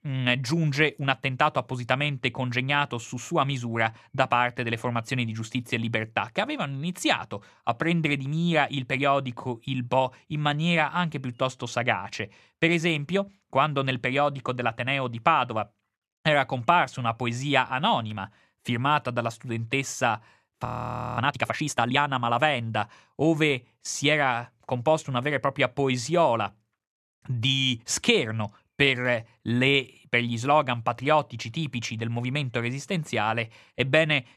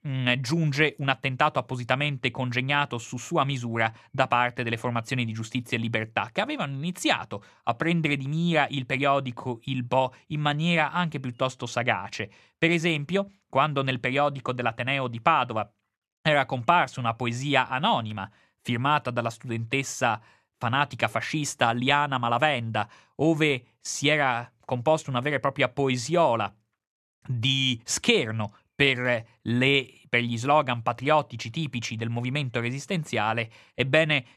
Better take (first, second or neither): second